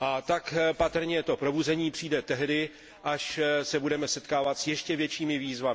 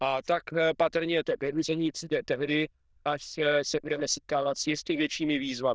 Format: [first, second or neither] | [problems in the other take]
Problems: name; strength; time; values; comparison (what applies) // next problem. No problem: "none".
first | noise reduction (neural diffusion model UNIVERSE++)